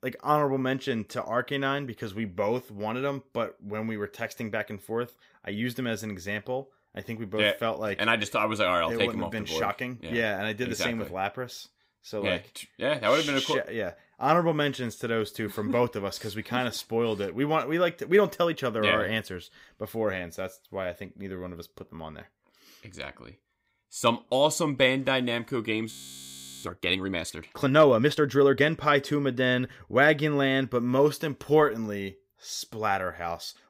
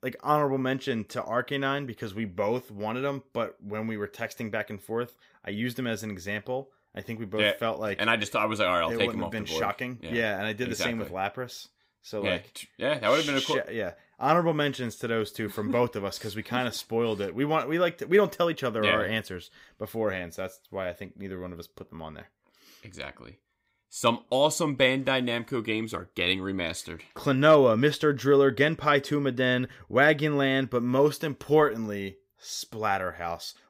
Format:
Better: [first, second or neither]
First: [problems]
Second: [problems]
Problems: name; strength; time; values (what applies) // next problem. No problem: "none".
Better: second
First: audio freezing; at 26 s for 0.5 s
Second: none